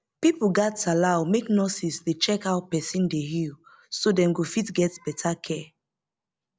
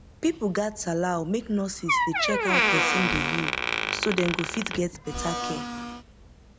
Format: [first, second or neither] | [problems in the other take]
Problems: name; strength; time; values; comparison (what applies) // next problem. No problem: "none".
first | background sound (Door + Domestic sounds, home sounds); 1 dB above the speech